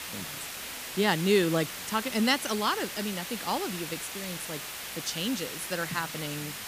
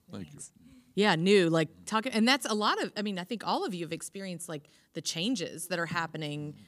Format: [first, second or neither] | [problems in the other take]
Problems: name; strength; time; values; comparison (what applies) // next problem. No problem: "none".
second | hiss; loud; throughout; 6 dB below the speech